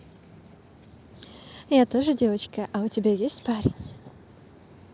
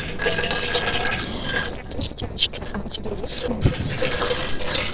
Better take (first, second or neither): first